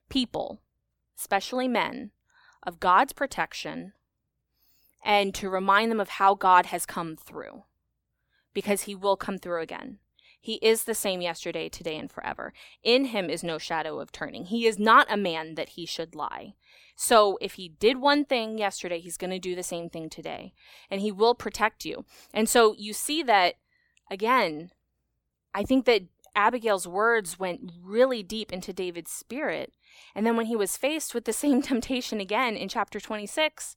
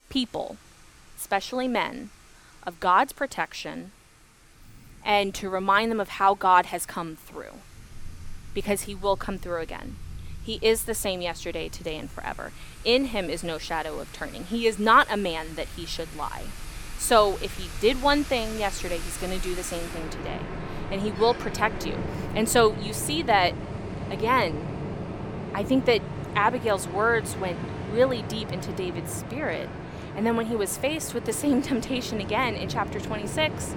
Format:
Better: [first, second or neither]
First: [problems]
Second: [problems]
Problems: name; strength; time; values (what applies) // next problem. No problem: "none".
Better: first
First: none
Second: rain or running water; noticeable; throughout; 10 dB below the speech